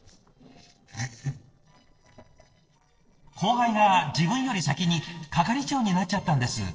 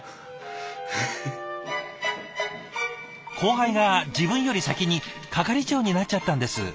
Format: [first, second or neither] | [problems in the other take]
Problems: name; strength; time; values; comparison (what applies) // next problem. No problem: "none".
second | noise reduction (neural separator model SepFormer DNS4)